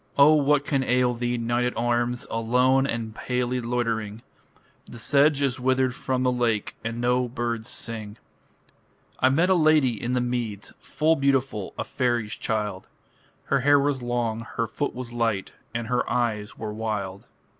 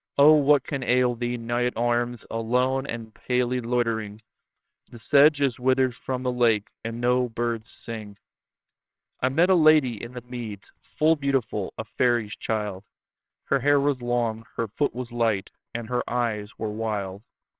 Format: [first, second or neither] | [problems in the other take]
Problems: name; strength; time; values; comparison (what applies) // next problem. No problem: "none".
first | noise reduction (neural separator model SepFormer WHAMR!)